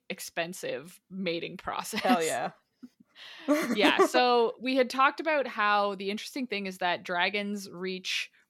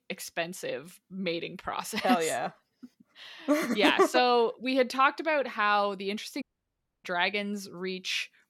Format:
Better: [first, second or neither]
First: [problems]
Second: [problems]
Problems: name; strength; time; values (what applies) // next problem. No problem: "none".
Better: first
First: none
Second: audio cutting out; at 6.5 s for 0.5 s